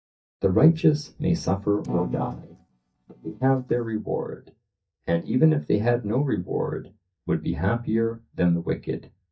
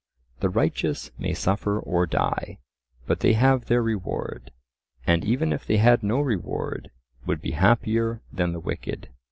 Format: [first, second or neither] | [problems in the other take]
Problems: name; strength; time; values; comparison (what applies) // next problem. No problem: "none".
second | noise reduction (neural mask model DeepFilterNet 3)